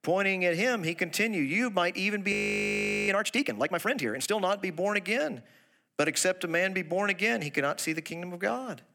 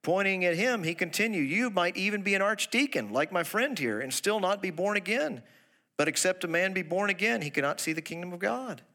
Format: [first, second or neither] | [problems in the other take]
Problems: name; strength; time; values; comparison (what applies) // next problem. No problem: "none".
second | audio freezing; at 2.5 s for 1 s